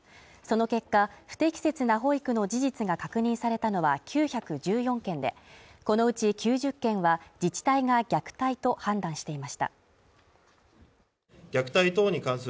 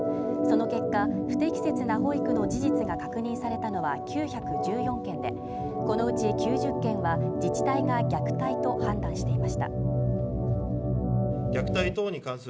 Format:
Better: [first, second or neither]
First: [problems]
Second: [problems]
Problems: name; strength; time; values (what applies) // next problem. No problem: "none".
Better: first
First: none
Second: background sound (Organ); 5 dB above the speech